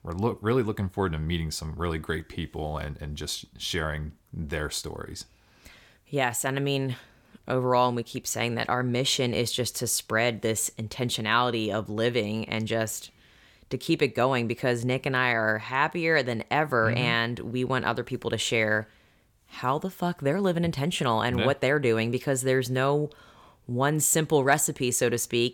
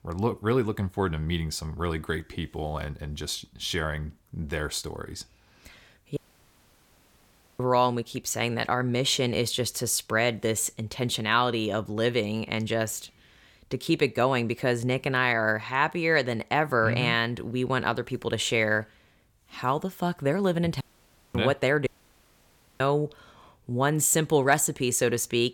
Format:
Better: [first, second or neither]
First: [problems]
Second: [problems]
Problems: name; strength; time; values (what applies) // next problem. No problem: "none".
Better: first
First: none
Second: audio cutting out; at 6 s for 1.5 s, at 21 s for 0.5 s and at 22 s for 1 s